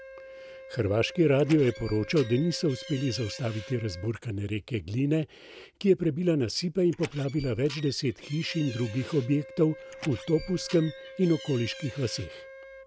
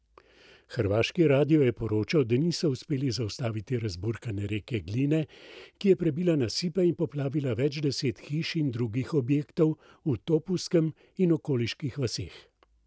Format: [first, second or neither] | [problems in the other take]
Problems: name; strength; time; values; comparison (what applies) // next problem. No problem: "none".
second | background sound (Door + Wind instrument, woodwind instrument); 16 dB below the speech